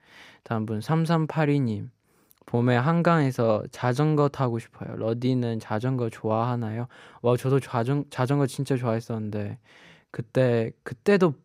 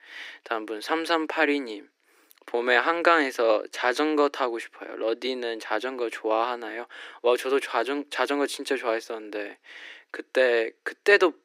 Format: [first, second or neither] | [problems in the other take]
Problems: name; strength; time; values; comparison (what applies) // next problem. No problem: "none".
first | thin; very; fading below 300 Hz